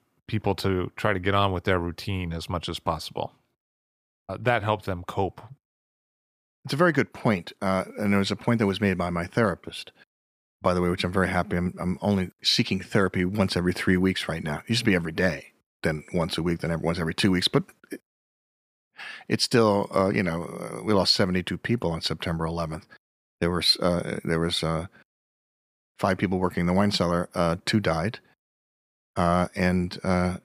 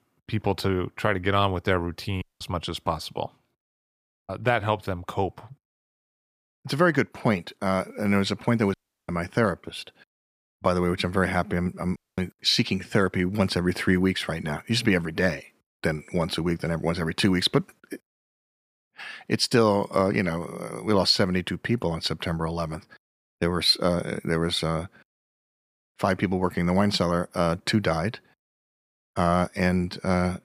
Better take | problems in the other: first | audio cutting out; at 2 s, at 8.5 s and at 12 s

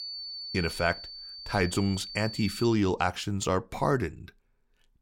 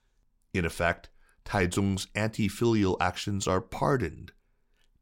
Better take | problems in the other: second | high-pitched whine; loud; until 2.5 s; 4.5 kHz, 10 dB below the speech

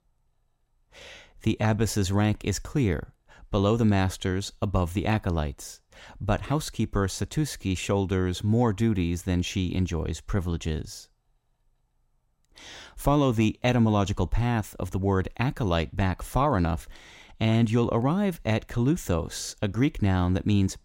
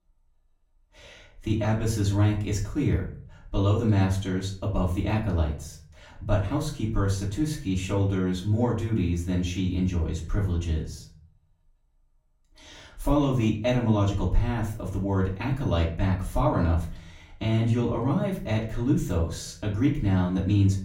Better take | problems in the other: first | off-mic speech; far // room echo; slight; dies away in 0.4 s

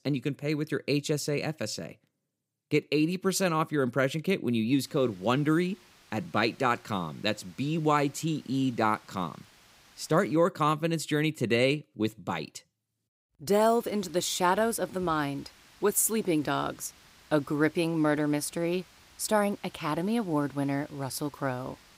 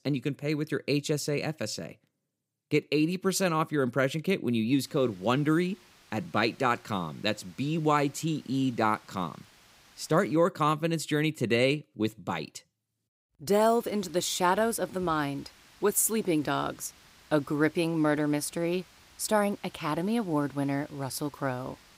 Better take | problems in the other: neither | hiss; faint; from 5 to 10 s and from 13 s on; 25 dB below the speech; the same in both

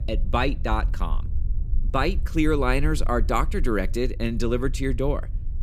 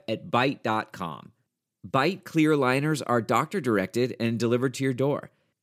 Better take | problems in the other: second | low rumble; faint; throughout; 25 dB below the speech

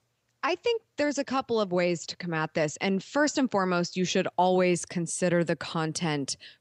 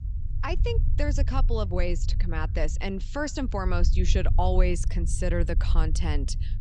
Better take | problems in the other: first | low rumble; noticeable; throughout; 15 dB below the speech

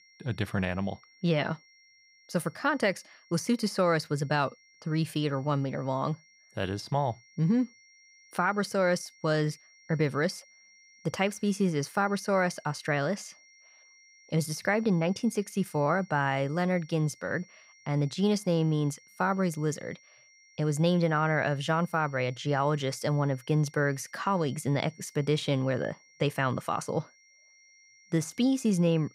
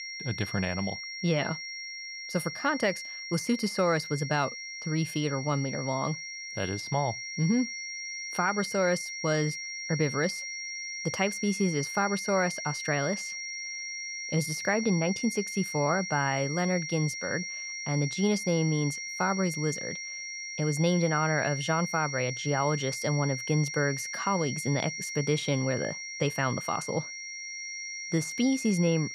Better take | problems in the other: first | high-pitched whine; loud; throughout; 2 kHz, 6 dB below the speech; faint in the first

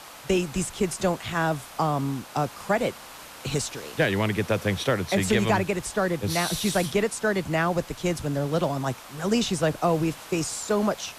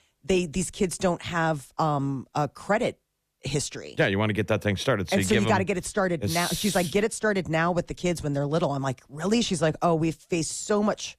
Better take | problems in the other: second | hiss; noticeable; throughout; 15 dB below the speech

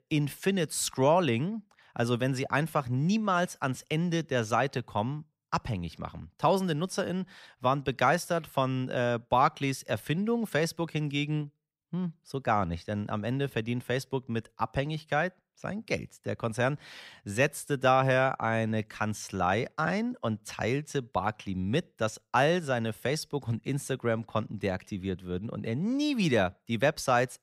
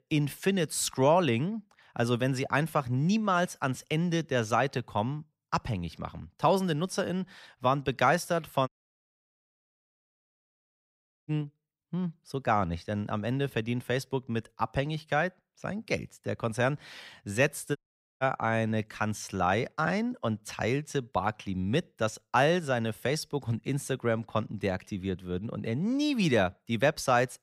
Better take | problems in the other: first | audio cutting out; at 8.5 s for 2.5 s and at 18 s

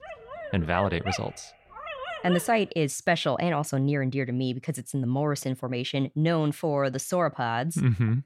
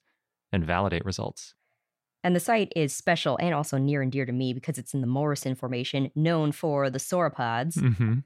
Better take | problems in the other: second | dog barking; noticeable; until 2.5 s; peak 6 dB below the speech

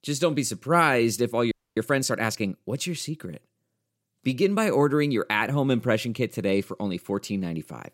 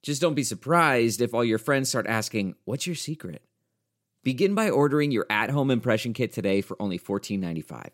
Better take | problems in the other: second | audio freezing; at 1.5 s

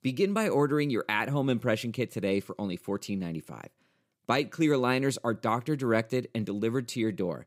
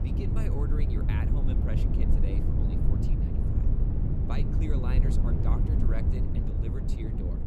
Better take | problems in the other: first | wind noise on the microphone; heavy; 3 dB above the speech

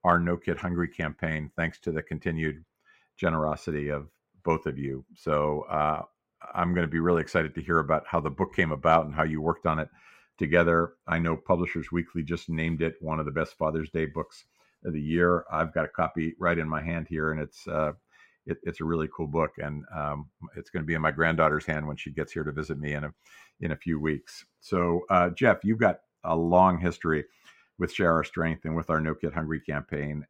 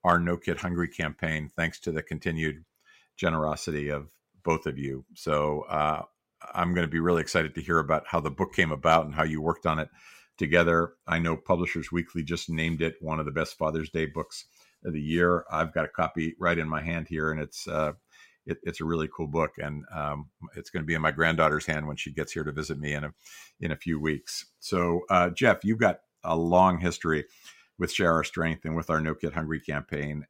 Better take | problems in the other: second | muffled; slightly; fading above 3 kHz

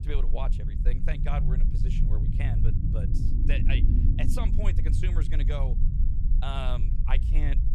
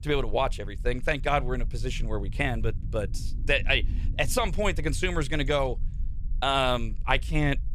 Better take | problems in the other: second | low rumble; loud; throughout; 4 dB below the speech; faint in the second

